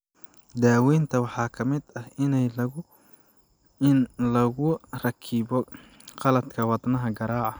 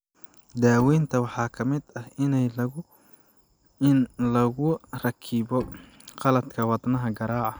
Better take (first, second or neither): first